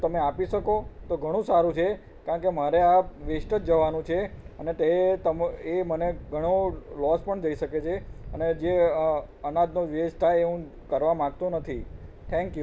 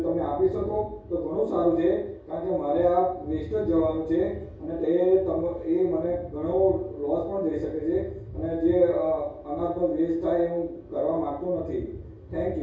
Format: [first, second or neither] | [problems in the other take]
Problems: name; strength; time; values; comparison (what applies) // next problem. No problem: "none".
first | room echo; dies away in 0.6 s